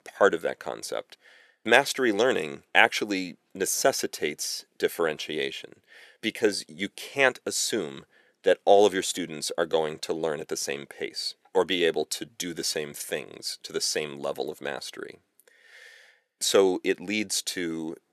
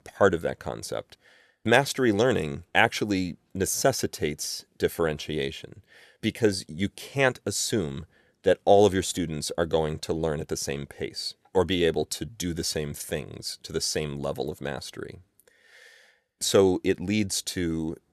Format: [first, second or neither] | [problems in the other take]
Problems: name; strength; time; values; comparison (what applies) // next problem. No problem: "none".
second | thin; very slightly; fading below 300 Hz